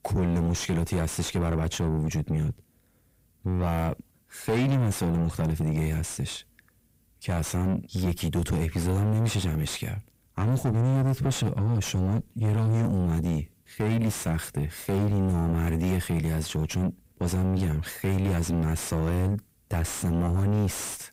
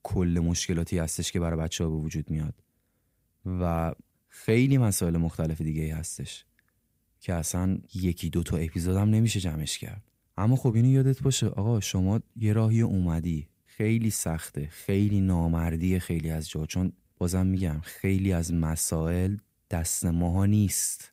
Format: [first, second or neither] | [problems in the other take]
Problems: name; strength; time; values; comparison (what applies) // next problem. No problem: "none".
second | distortion; heavy; 7 dB below the speech